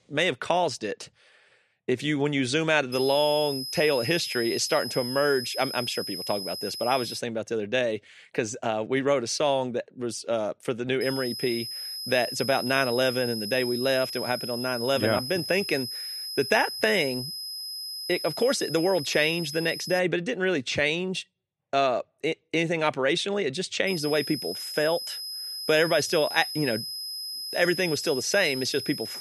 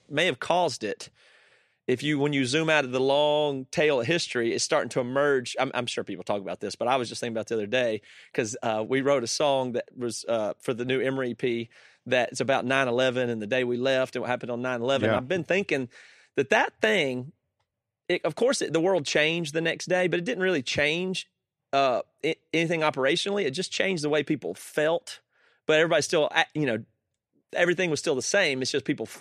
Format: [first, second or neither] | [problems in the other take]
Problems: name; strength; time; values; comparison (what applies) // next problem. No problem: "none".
second | high-pitched whine; loud; from 3 to 7 s, from 11 to 20 s and from 24 s on; 5 kHz, 6 dB below the speech